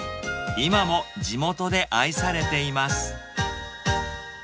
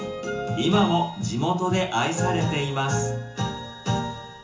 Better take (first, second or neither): first